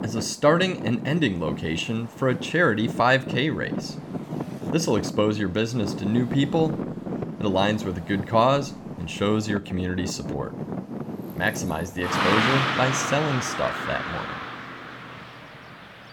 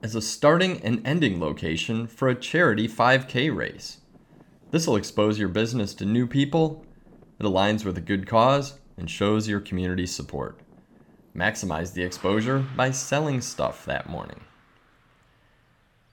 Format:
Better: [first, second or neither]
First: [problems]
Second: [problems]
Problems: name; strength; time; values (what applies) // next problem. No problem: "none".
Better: second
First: traffic noise; loud; throughout; 6 dB below the speech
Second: traffic noise; faint; throughout; 30 dB below the speech